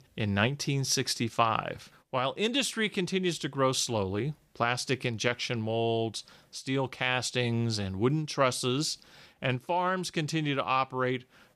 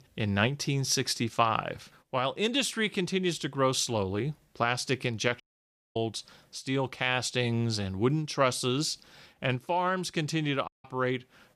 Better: first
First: none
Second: audio cutting out; at 5.5 s for 0.5 s and at 11 s

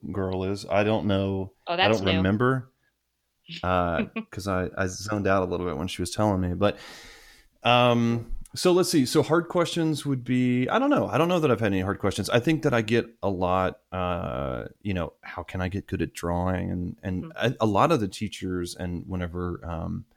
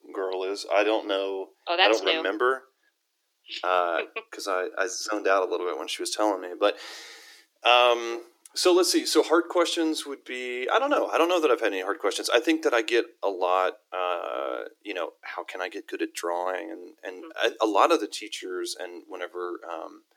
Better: first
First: none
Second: thin; very; fading below 300 Hz

